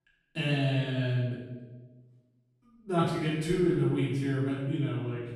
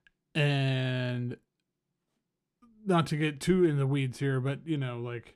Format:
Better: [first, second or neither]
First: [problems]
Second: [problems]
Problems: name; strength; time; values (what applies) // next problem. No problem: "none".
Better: second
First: room echo; noticeable; dies away in 1 s // off-mic speech; far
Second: none